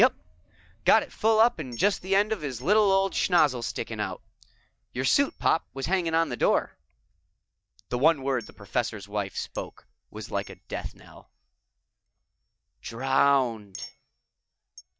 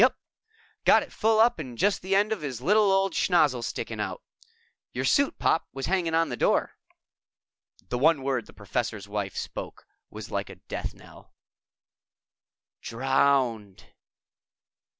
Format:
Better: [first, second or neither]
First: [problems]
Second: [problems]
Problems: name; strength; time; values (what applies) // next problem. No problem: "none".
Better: second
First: noise reduction (neural mask model DeepFilterNet 3)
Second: none